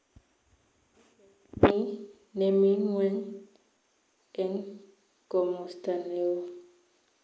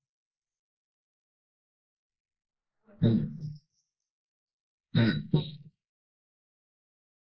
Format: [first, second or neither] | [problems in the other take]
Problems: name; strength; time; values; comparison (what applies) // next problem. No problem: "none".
first | noise reduction (neural mask model Resemble Enhance denoiser)